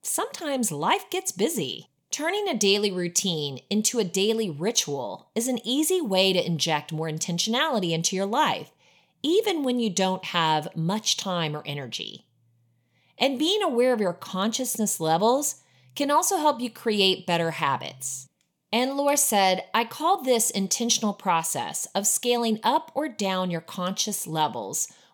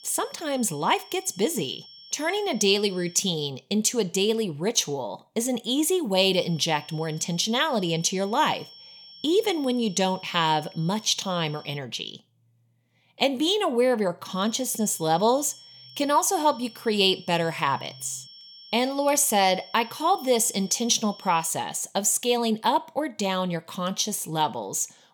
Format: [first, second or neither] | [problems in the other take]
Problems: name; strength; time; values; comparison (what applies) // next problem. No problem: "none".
first | high-pitched whine; faint; until 3.5 s, from 6.5 to 12 s and from 14 to 21 s; 5.5 kHz, 20 dB below the speech